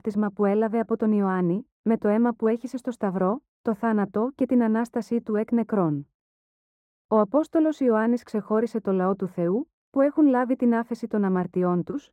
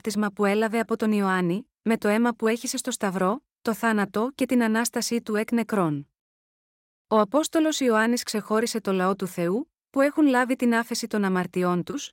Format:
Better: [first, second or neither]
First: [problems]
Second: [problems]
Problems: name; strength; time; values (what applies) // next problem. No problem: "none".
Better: second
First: muffled; very; fading above 2 kHz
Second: none